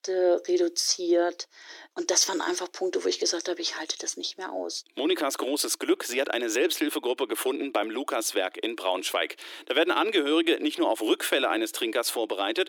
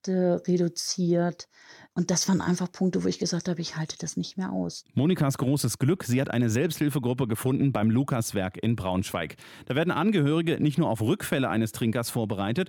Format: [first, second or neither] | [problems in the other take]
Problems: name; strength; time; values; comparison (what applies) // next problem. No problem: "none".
second | thin; very; fading below 300 Hz